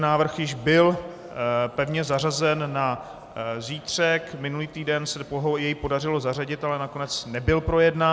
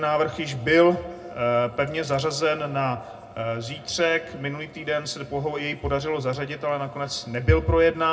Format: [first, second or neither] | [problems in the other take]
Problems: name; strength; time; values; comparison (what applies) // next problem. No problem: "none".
first | room echo; dies away in 0.2 s